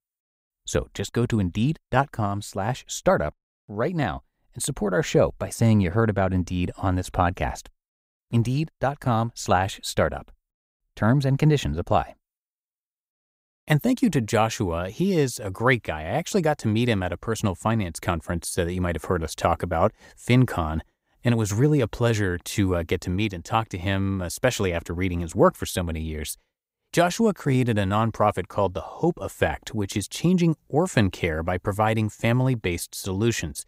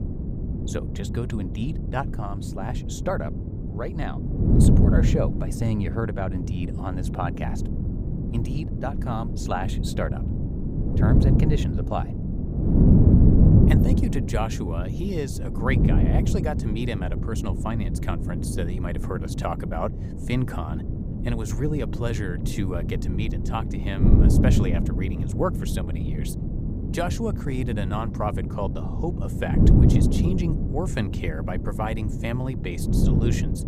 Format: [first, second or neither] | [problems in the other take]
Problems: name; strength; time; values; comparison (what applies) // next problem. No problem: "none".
first | wind noise on the microphone; heavy; 2 dB below the speech